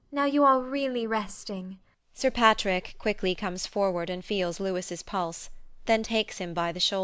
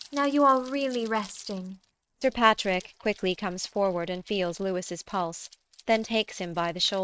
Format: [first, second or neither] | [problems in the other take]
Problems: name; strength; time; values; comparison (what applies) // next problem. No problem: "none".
first | noise reduction (neural mask model RNNoise)